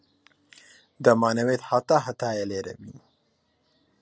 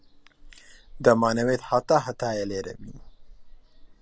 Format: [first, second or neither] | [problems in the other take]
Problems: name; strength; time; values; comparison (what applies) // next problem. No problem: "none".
first | background sound (Fire); 18 dB below the speech